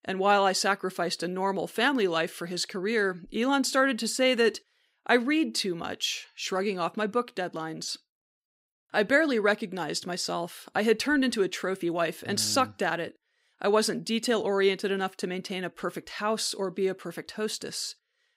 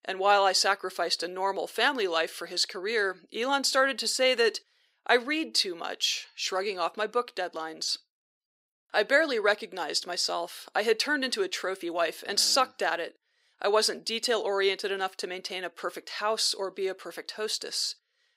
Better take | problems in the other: first | thin; somewhat; fading below 500 Hz

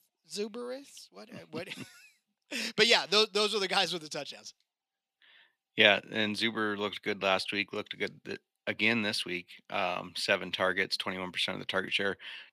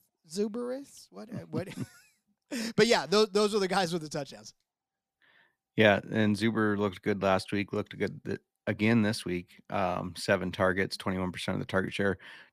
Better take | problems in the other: second | thin; very slightly; fading below 400 Hz

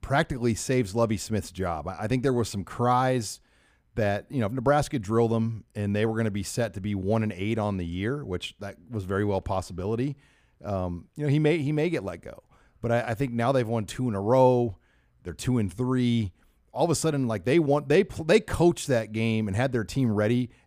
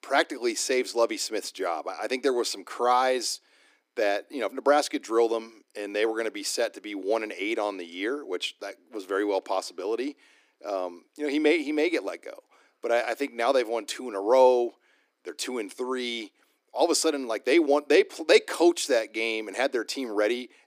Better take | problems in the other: first | thin; somewhat; fading below 300 Hz

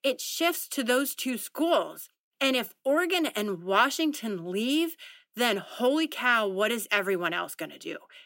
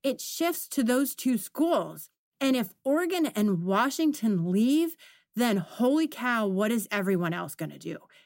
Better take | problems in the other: second | thin; somewhat; fading below 400 Hz

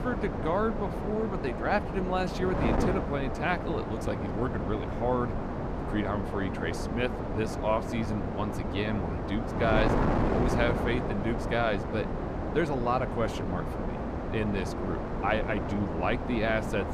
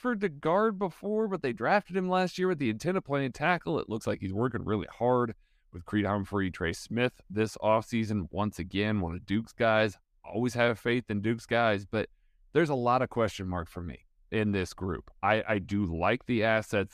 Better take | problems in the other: second | wind noise on the microphone; heavy; 3 dB below the speech

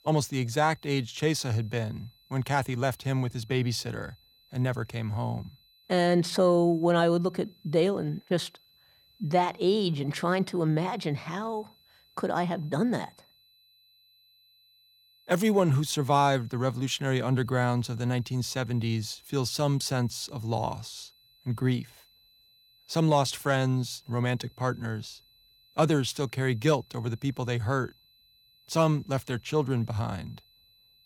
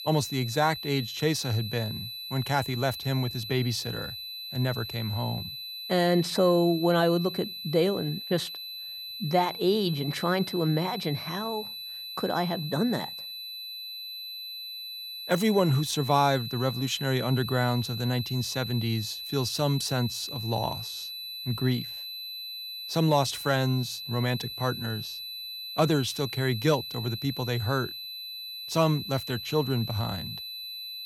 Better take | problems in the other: first | high-pitched whine; loud; throughout; 4 kHz, 7 dB below the speech; faint in the first

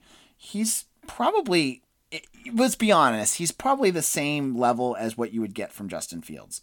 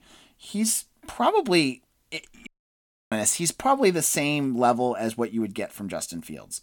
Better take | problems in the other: first | audio cutting out; at 2.5 s for 0.5 s

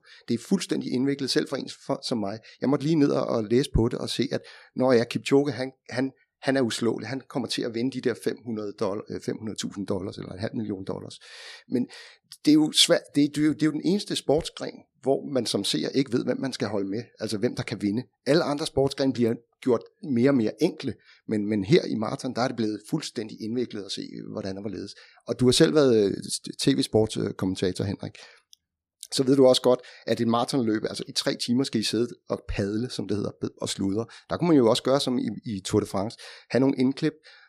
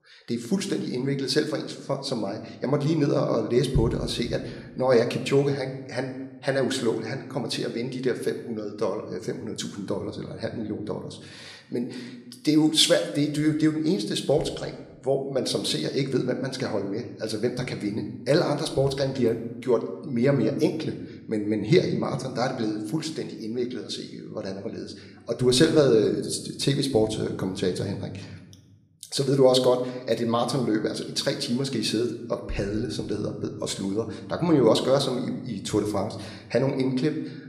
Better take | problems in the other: first | room echo; slight; dies away in 0.8 s

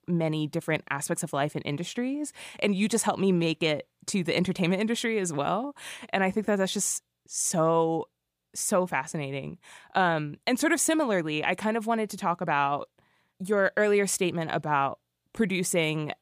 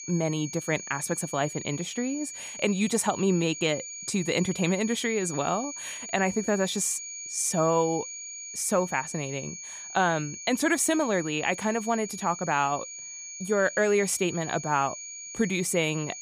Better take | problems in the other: first | high-pitched whine; loud; throughout; 6.5 kHz, 9 dB below the speech

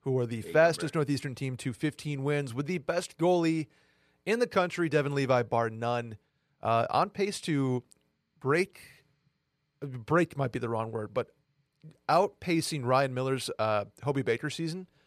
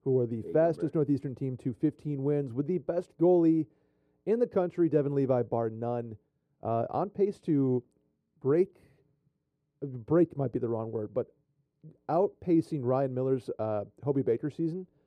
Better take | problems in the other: first | muffled; very; fading above 1 kHz

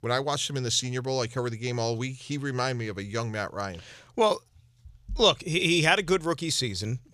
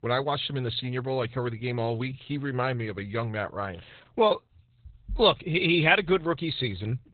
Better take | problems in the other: first | garbled, watery; badly; nothing above 4 kHz

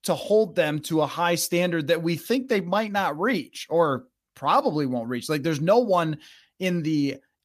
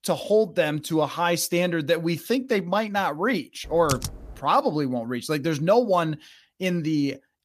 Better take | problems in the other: first | keyboard typing; noticeable; at 3.5 s; peak 6 dB below the speech

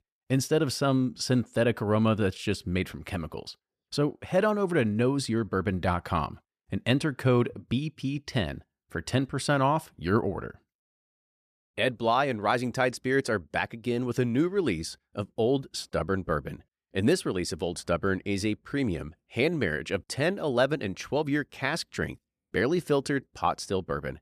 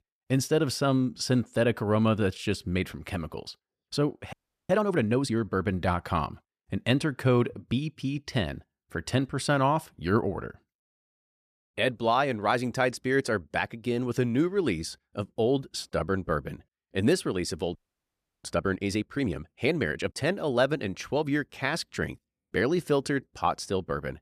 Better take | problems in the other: first | audio freezing; at 4.5 s and at 18 s for 0.5 s

